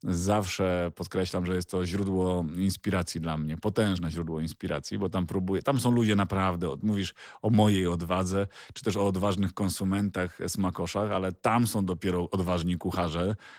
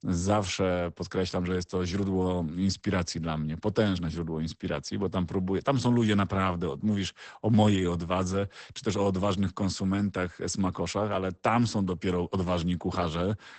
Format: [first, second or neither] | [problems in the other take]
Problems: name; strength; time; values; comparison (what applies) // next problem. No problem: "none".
first | garbled, watery; badly; nothing above 8 kHz; slightly in the first